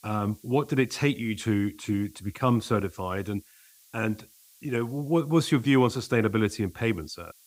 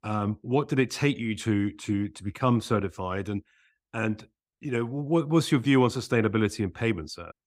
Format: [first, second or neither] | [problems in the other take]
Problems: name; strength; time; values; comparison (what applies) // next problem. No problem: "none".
second | hiss; faint; throughout; 25 dB below the speech